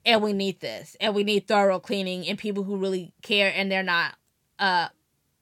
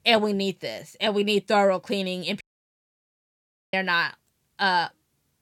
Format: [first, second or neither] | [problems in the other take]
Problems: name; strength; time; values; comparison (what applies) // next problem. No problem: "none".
first | audio cutting out; at 2.5 s for 1.5 s